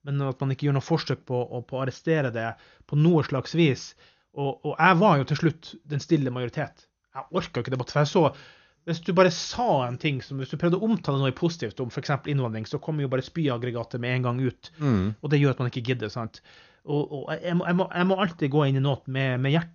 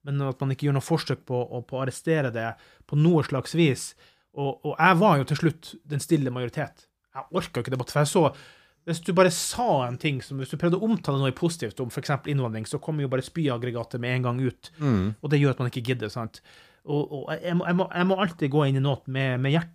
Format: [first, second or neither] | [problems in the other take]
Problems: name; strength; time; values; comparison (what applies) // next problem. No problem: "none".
second | garbled, watery; slightly; nothing above 6.5 kHz